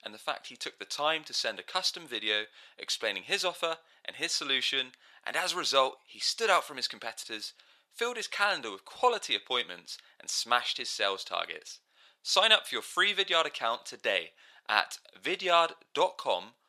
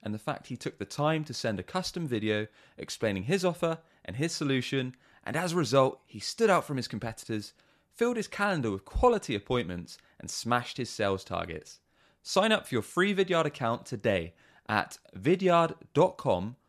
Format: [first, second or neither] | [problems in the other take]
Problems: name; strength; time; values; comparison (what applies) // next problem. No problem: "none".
second | thin; very; fading below 700 Hz